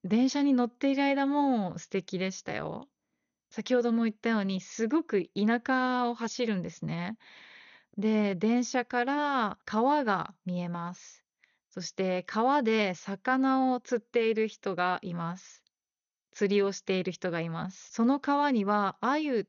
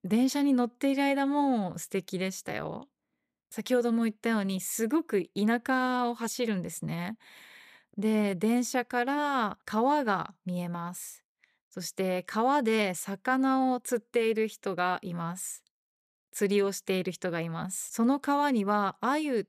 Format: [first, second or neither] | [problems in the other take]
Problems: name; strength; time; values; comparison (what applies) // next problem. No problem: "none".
second | garbled, watery; slightly; nothing above 6.5 kHz